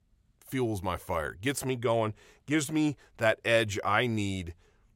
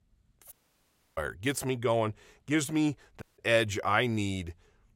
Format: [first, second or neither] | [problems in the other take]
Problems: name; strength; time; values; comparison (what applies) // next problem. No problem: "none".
first | audio cutting out; at 0.5 s for 0.5 s and at 3 s